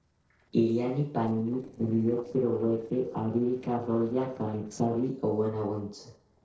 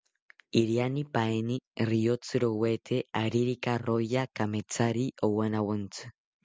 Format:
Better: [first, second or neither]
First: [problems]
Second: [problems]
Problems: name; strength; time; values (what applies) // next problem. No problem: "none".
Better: second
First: noise reduction (neural separator model SepFormer DNS4)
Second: none